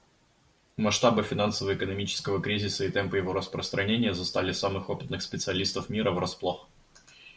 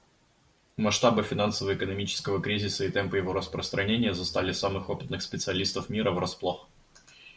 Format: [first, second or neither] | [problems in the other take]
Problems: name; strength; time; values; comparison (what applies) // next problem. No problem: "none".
first | background sound (Bowed string instrument); 20 dB below the speech